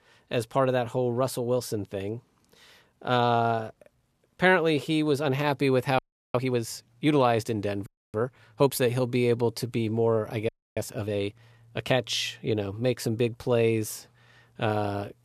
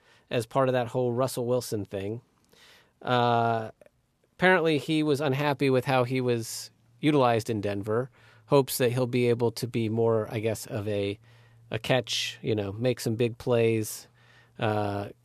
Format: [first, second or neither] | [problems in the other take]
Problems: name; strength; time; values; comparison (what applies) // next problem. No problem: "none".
second | audio freezing; at 6 s, at 8 s and at 10 s